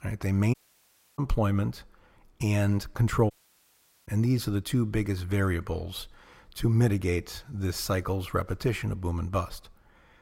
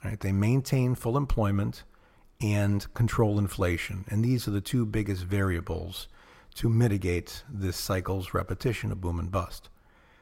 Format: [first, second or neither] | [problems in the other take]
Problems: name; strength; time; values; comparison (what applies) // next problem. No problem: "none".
second | audio cutting out; at 0.5 s for 0.5 s and at 3.5 s for 1 s